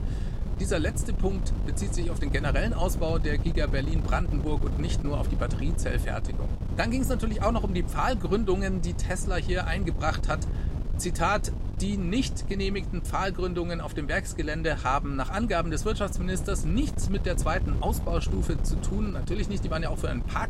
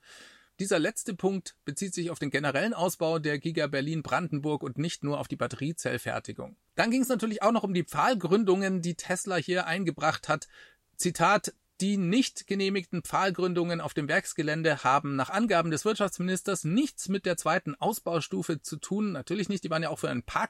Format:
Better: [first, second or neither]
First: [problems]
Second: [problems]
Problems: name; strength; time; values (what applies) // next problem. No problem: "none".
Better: second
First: wind noise on the microphone; occasional gusts; 10 dB below the speech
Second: none